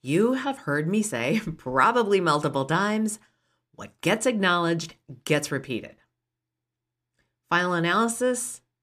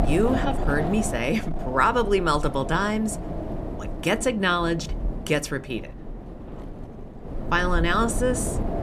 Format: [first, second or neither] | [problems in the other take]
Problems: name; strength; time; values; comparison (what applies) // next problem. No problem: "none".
first | wind noise on the microphone; occasional gusts; 10 dB below the speech